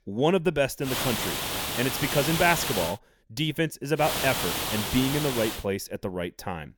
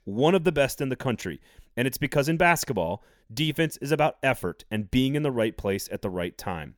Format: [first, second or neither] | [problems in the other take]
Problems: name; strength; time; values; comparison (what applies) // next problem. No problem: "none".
second | hiss; loud; from 1 to 3 s and from 4 to 5.5 s; 1 dB below the speech